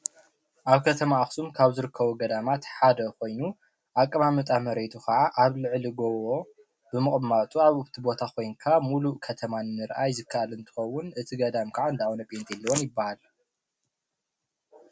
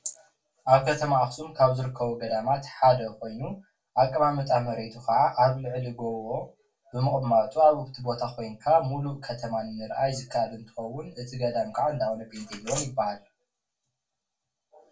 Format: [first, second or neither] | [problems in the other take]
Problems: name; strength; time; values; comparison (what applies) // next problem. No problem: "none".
first | room echo; dies away in 0.2 s